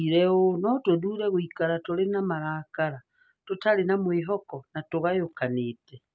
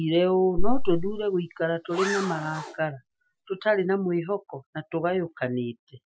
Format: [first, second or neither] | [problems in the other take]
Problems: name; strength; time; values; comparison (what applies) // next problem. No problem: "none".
first | noise reduction (classical method Wiener filter)